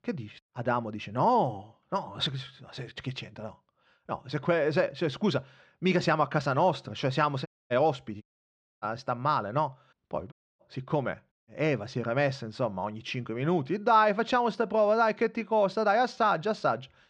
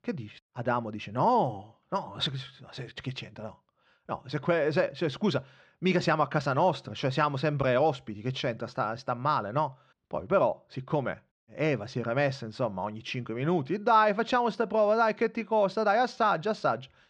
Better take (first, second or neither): second